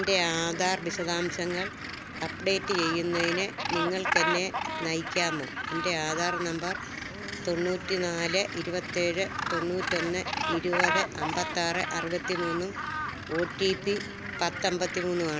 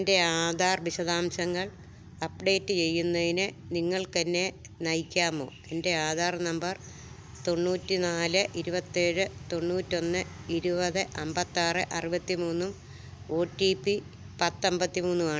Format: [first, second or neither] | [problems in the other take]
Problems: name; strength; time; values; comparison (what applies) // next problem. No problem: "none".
second | background sound (Gull, seagull); 3 dB below the speech